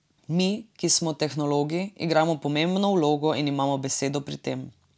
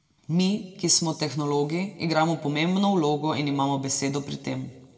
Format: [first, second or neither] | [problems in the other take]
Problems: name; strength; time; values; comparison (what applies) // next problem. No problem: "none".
first | room echo; dies away in 0.9 s